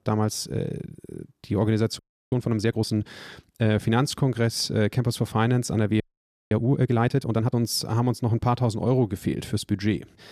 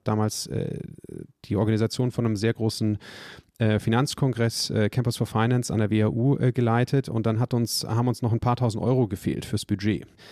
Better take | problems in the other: second | audio freezing; at 2 s and at 6 s for 0.5 s

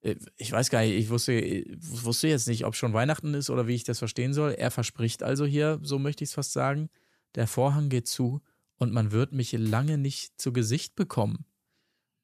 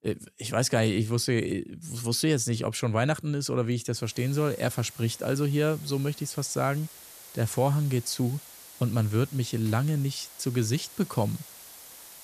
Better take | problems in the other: first | hiss; noticeable; from 4 s on; 15 dB below the speech

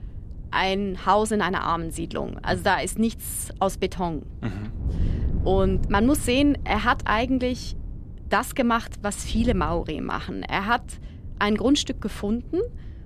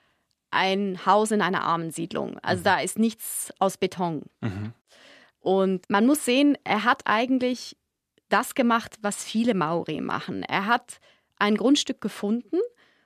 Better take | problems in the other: second | wind noise on the microphone; occasional gusts; 25 dB below the speech

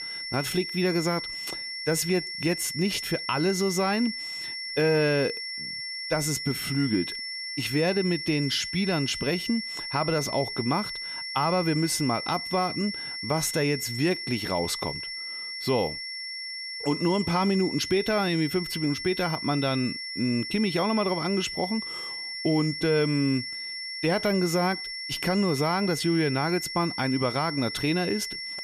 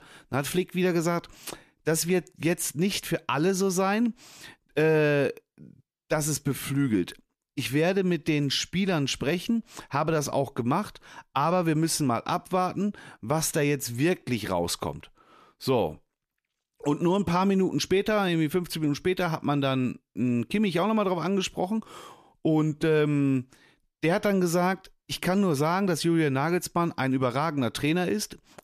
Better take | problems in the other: second | high-pitched whine; loud; throughout; 5.5 kHz, 5 dB below the speech

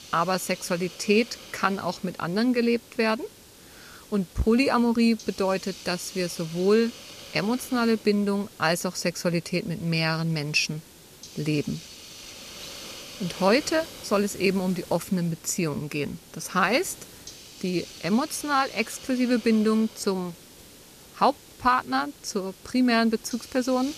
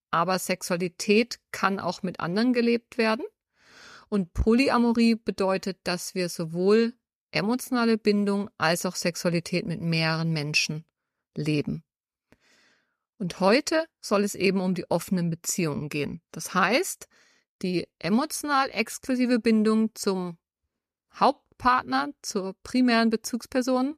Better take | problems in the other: second | hiss; noticeable; throughout; 15 dB below the speech

